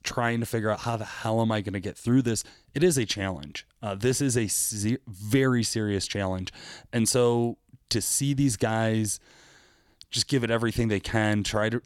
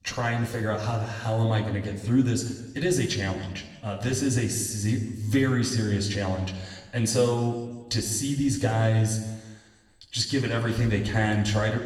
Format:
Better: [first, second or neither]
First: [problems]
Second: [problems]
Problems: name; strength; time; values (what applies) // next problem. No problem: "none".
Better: first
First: none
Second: room echo; slight; dies away in 1.1 s // off-mic speech; somewhat distant